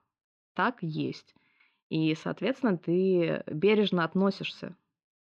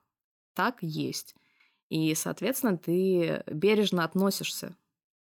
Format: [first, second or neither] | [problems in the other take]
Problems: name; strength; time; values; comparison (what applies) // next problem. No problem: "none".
second | muffled; slightly; fading above 3.5 kHz